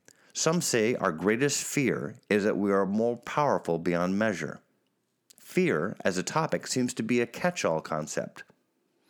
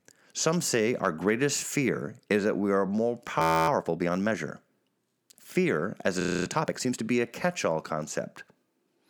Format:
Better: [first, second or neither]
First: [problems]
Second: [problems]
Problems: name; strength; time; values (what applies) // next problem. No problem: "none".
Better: first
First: none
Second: audio freezing; at 3.5 s and at 6 s